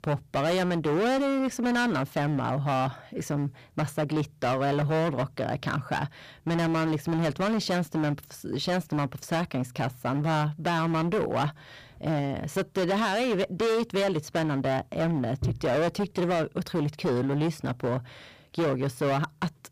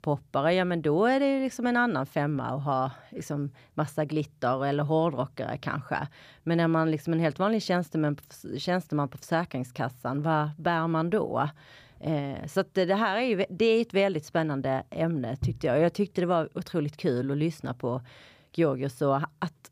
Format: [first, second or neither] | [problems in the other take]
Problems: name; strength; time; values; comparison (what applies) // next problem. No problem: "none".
second | distortion; heavy; 21% of the sound clipped